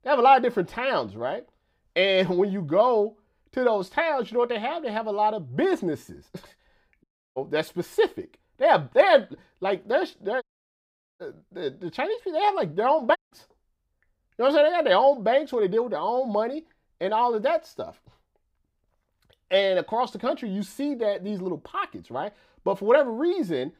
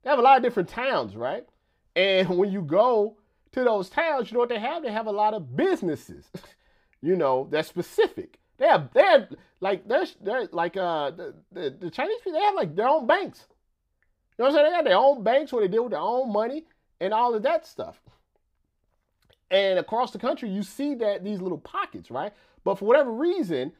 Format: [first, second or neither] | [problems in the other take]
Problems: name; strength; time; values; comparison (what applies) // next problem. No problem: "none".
second | audio cutting out; at 7 s, at 10 s for 1 s and at 13 s